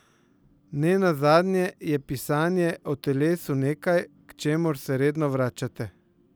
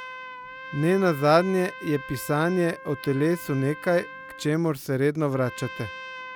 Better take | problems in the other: first | background sound (Trumpet); 15 dB below the speech

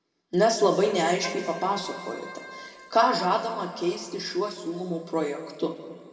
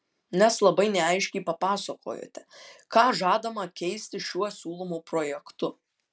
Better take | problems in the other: second | background sound (Keyboard (musical)); 18 dB below the speech // room echo; dies away in 2 s

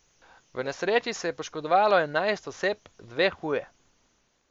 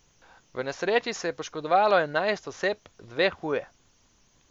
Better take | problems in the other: second | noise reduction (neural mask model Resemble Enhance denoiser)

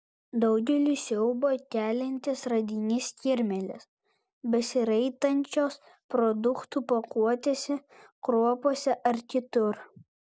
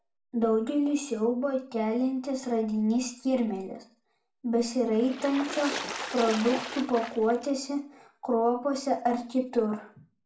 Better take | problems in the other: first | background sound (Water / Splash, splatter); 9 dB below the speech // room echo; dies away in 0.4 s

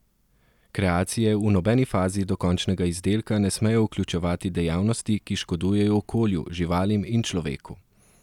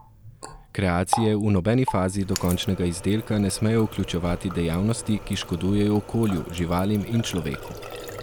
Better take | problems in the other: first | background sound (Water tap, faucet); 12 dB below the speech

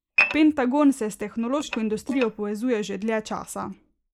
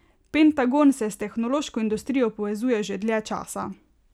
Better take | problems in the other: second | noise reduction (neural mask model Resemble Enhance denoiser)

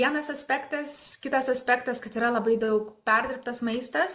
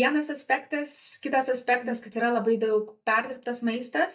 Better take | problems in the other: first | noise reduction (neural mask model DeepFilterNet 3)

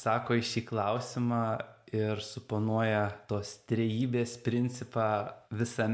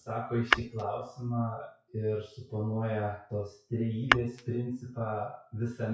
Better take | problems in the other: first | noise reduction (classical method WPE with log-MMSE)

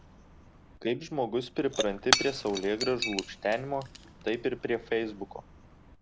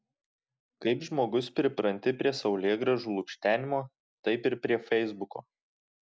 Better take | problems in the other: second | background sound (Shatter / Crushing); 4 dB below the speech

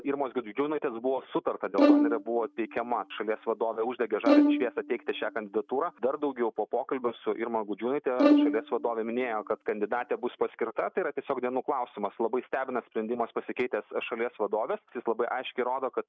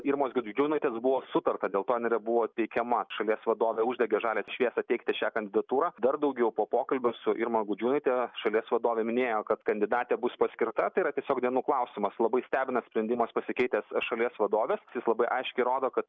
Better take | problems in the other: second | noise reduction (neural mask model RNNoise)

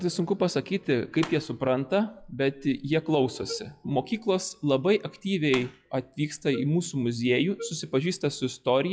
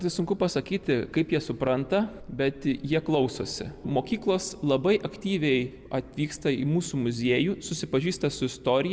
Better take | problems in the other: second | noise reduction (classical method log-MMSE)

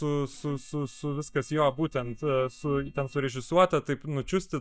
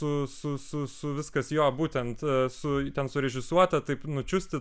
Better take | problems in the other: second | noise reduction (neural mask model DeepFilterNet 3)

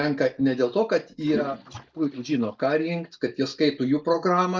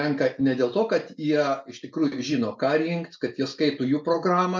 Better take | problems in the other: second | noise reduction (neural mask model DeepFilterNet 3)

